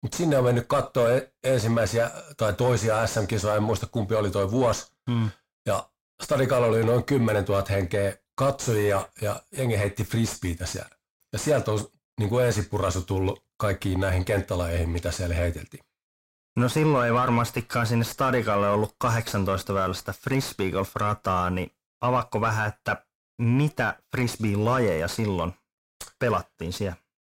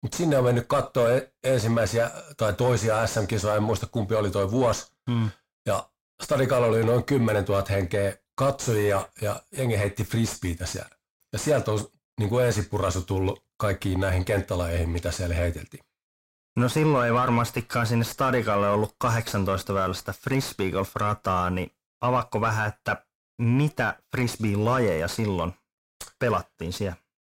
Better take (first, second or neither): neither